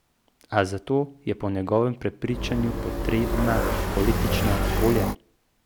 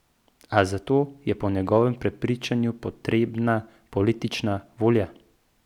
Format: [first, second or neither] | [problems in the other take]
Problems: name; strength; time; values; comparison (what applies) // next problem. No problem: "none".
second | background sound (Motorcycle); 2 dB above the speech